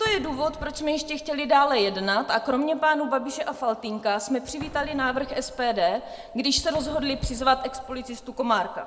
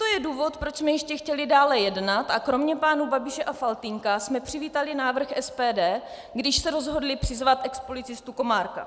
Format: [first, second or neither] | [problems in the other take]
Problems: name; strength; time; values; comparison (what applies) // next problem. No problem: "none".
second | background sound (Explosion); 18 dB below the speech // room echo; dies away in 0.8 s